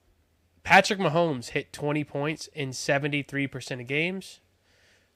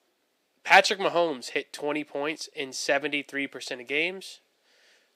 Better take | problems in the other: first | thin; somewhat; fading below 300 Hz

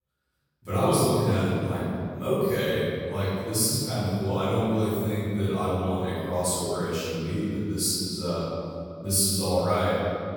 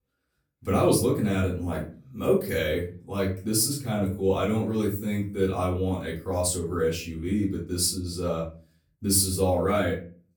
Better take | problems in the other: second | room echo; strong; dies away in 2.2 s; slight in the second // off-mic speech; far; far in the second

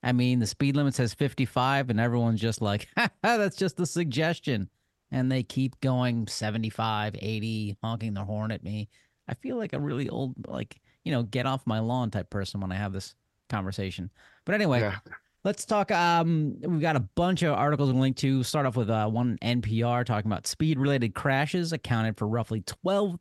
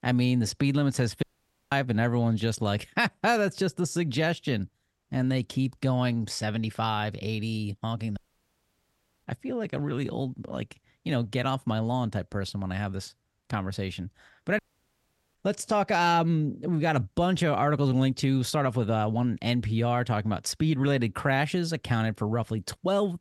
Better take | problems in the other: first | audio cutting out; at 1 s, at 8 s for 1 s and at 15 s for 1 s

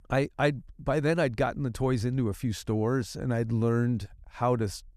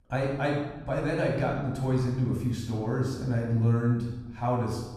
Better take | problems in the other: first | off-mic speech; far // room echo; noticeable; dies away in 1 s

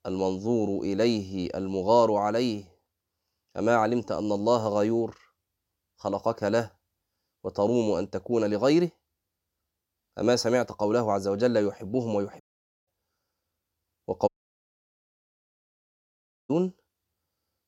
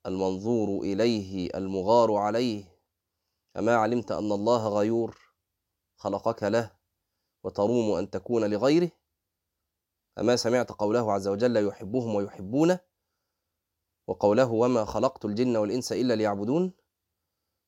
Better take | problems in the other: second | audio cutting out; at 12 s and at 14 s for 2 s

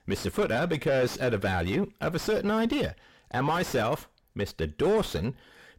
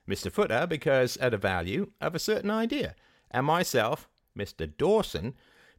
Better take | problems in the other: second | distortion; heavy; 6 dB below the speech

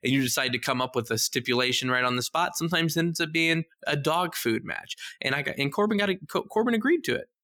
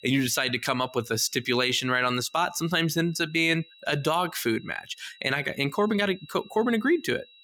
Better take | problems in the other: first | high-pitched whine; faint; throughout; 4 kHz, 25 dB below the speech

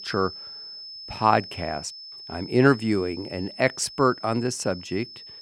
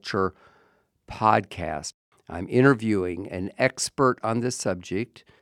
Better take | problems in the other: second | high-pitched whine; noticeable; throughout; 5 kHz, 15 dB below the speech

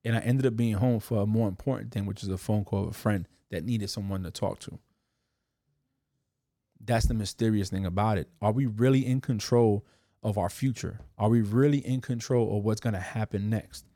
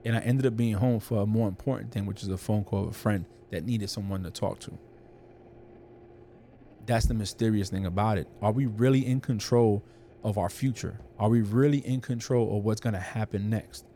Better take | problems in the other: first | low rumble; faint; throughout; 25 dB below the speech

